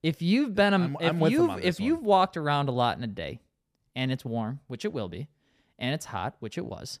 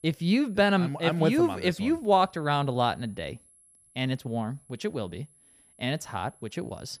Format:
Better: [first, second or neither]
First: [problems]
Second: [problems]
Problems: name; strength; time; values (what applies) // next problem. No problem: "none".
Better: first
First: none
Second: high-pitched whine; faint; throughout; 11 kHz, 30 dB below the speech